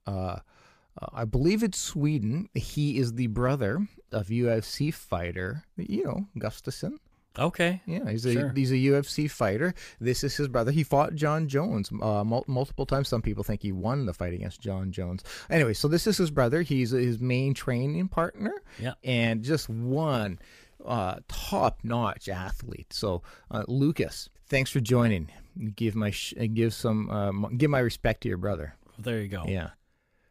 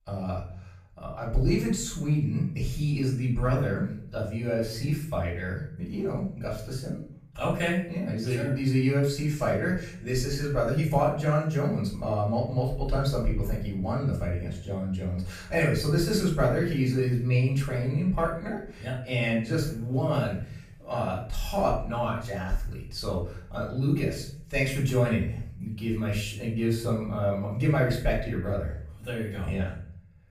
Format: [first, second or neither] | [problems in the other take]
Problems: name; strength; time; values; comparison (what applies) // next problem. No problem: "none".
first | off-mic speech; far // room echo; noticeable; dies away in 0.5 s